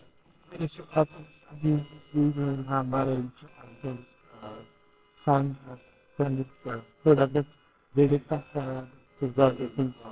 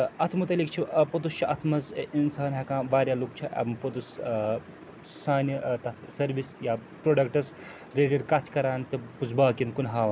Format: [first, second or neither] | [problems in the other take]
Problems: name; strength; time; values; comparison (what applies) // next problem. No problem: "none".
second | noise reduction (neural separator model SepFormer WHAMR!)